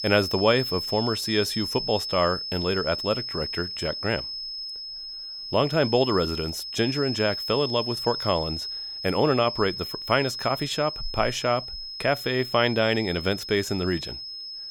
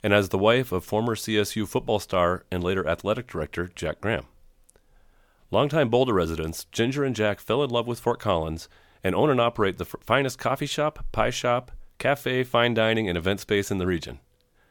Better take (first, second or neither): second